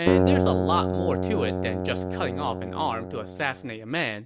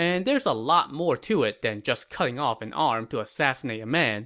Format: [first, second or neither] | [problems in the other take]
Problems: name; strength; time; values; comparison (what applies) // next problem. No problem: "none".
second | background sound (Keyboard (musical)); 4 dB above the speech